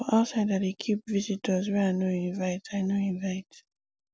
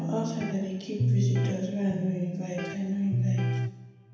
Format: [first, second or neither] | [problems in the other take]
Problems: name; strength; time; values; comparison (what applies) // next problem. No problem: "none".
first | background sound (Electric guitar); 1 dB above the speech // room echo; dies away in 0.9 s